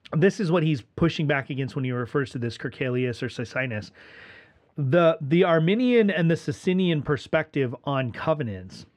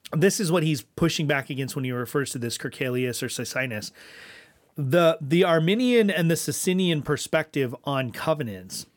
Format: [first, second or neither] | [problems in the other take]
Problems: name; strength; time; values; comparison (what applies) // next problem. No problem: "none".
second | muffled; slightly; fading above 3 kHz